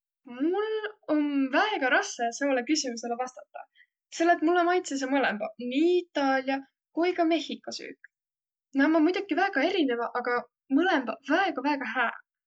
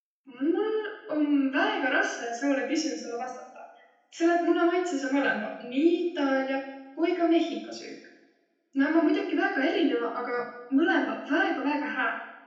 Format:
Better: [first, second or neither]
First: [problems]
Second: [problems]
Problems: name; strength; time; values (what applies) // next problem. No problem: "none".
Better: first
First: none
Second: room echo; dies away in 0.9 s